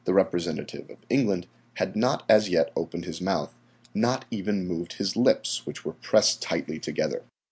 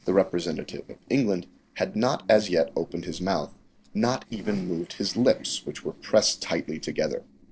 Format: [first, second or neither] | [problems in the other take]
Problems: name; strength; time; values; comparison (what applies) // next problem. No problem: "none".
first | noise reduction (neural separator model SepFormer DNS4)